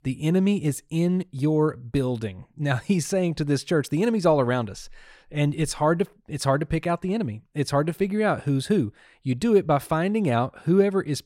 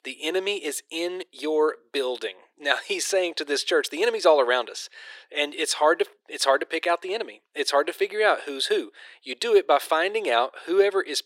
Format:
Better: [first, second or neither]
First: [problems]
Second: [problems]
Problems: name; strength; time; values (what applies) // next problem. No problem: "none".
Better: first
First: none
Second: thin; very; fading below 350 Hz